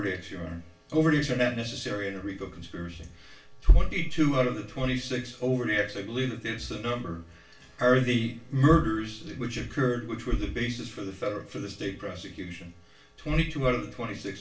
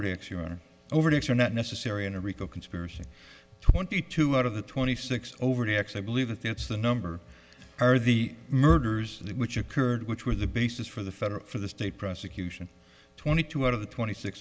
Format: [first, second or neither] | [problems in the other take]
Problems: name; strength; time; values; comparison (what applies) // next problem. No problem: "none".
second | room echo; dies away in 0.3 s